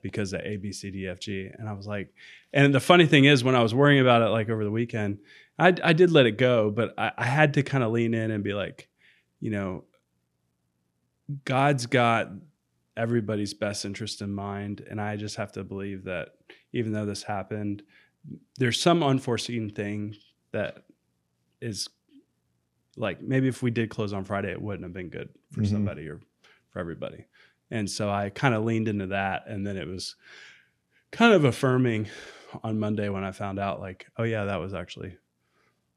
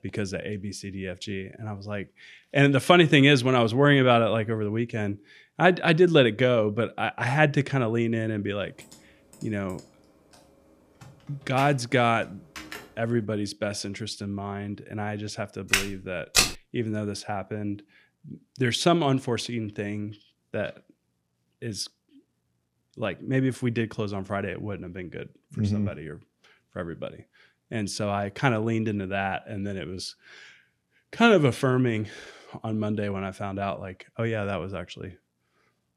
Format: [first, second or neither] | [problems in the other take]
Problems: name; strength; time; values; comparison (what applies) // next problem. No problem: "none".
first | keyboard typing; faint; from 9 to 13 s; peak 15 dB below the speech // footsteps; loud; at 16 s; peak 4 dB above the speech